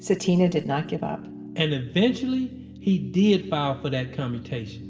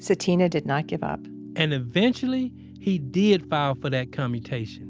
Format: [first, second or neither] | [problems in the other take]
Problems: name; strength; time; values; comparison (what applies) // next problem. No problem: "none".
second | room echo; dies away in 1.6 s